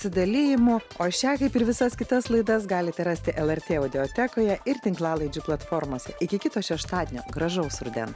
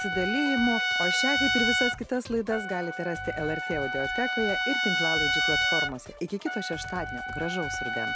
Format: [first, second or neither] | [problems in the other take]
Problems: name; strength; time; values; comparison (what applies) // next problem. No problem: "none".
first | background sound (Trumpet); 2 dB above the speech